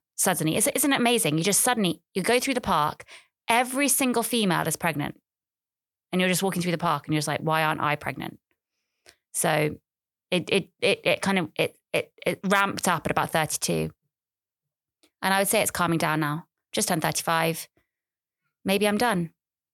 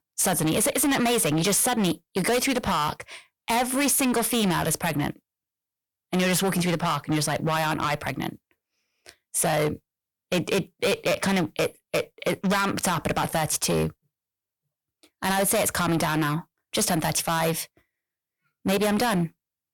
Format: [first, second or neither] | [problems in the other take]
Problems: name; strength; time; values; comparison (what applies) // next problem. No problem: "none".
first | distortion; heavy; 15% of the sound clipped